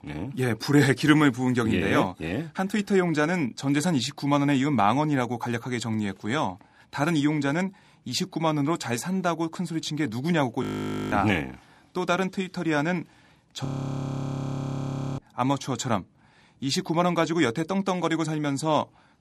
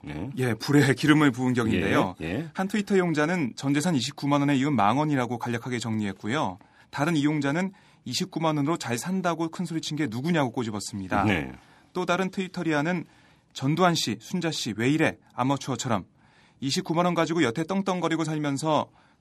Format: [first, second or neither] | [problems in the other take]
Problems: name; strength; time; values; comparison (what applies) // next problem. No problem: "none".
second | audio freezing; at 11 s and at 14 s for 1.5 s